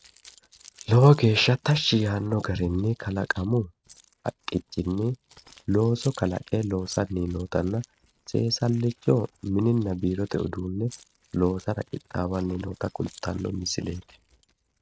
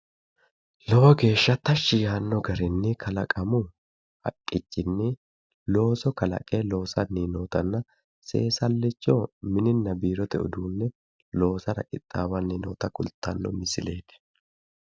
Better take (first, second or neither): second